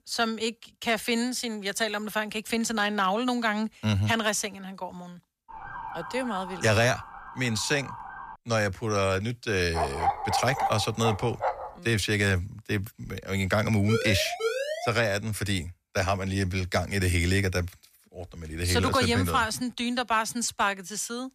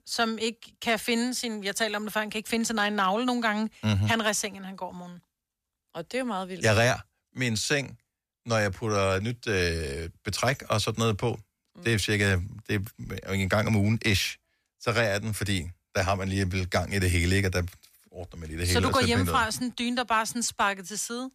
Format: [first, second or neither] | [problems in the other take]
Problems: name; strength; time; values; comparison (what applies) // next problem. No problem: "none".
second | siren; faint; from 5.5 to 8.5 s; peak 10 dB below the speech // dog barking; noticeable; from 10 to 12 s; peak level with the speech // siren; noticeable; from 14 to 15 s; peak 2 dB below the speech